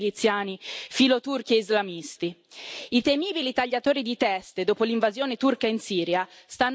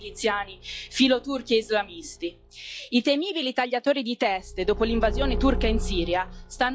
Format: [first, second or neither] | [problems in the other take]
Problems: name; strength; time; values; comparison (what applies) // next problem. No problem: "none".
first | noise reduction (classical method log-MMSE)